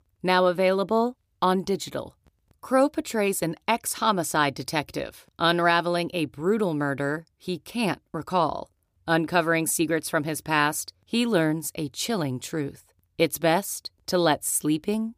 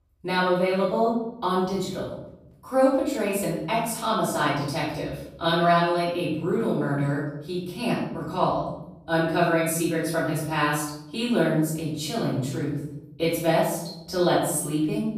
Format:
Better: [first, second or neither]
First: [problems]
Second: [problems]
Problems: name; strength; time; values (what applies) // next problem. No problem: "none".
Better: first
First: none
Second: room echo; noticeable; dies away in 0.9 s // off-mic speech; far